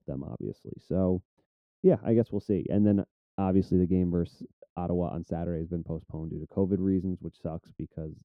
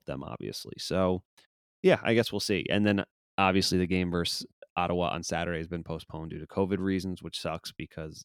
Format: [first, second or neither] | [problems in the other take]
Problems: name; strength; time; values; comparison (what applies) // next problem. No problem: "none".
second | muffled; very; fading above 1 kHz